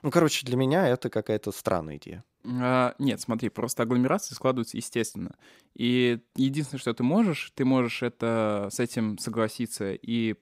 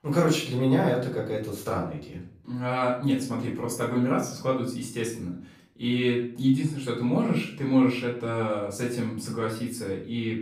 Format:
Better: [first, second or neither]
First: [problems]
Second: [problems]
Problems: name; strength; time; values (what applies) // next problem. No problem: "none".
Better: first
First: none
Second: off-mic speech; far // room echo; slight; dies away in 0.4 s